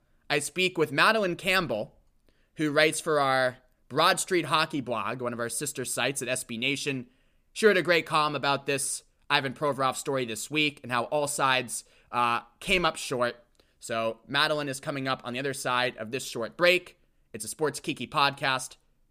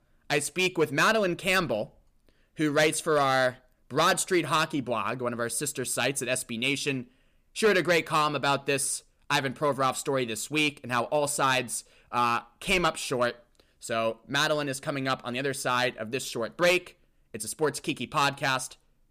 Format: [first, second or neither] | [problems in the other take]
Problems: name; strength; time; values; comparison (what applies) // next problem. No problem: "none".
first | distortion; slight; 2% of the sound clipped